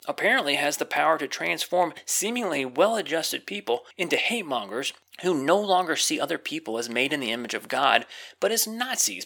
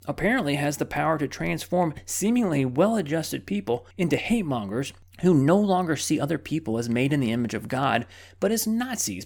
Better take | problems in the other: second | thin; somewhat; fading below 500 Hz

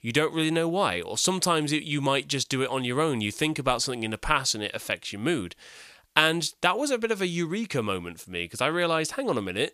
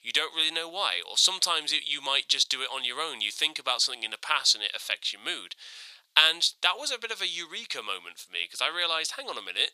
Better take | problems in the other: first | thin; very; fading below 800 Hz

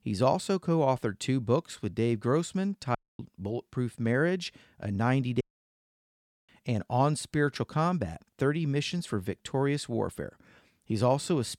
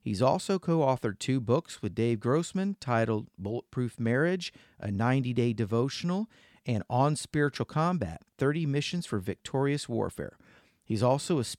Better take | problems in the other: second | audio cutting out; at 3 s and at 5.5 s for 1 s

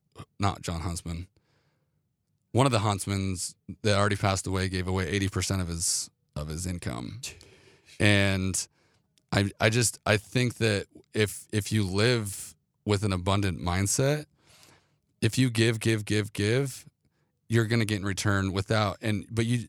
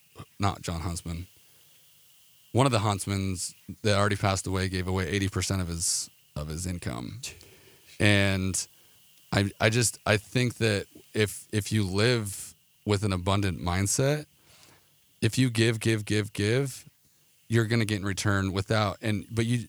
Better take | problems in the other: first | hiss; faint; throughout; 30 dB below the speech

